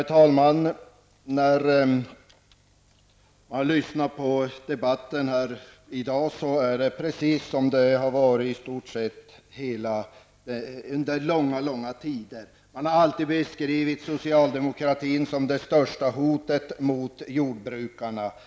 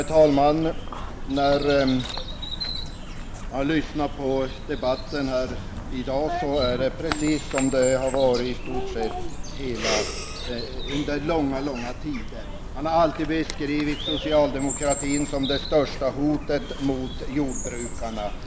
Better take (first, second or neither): first